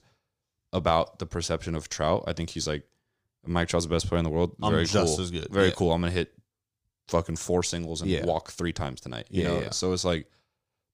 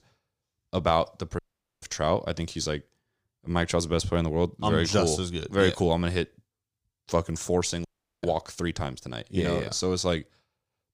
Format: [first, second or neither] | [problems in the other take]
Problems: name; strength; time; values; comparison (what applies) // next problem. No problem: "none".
first | audio cutting out; at 1.5 s and at 8 s